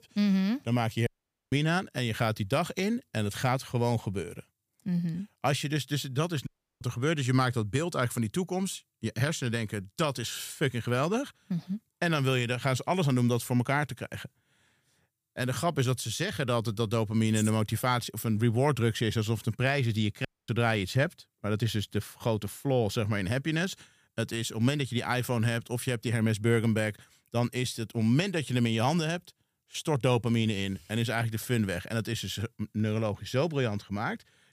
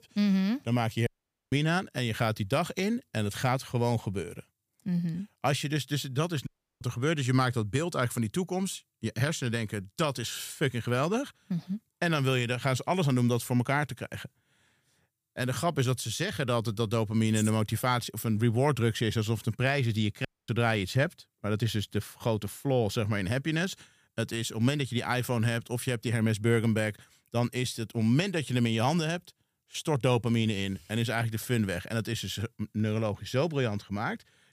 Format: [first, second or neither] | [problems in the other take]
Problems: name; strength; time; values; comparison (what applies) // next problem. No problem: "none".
neither | audio cutting out; at 1 s, at 6.5 s and at 20 s; the same in both